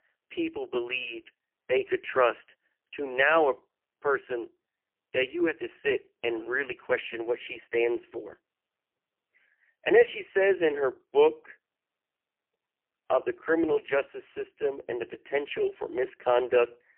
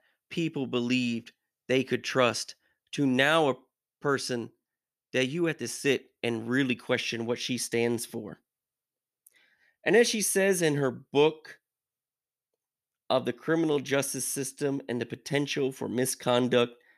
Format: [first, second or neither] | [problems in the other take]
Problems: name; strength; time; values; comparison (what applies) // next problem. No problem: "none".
second | phone-call audio; poor line; nothing above 3 kHz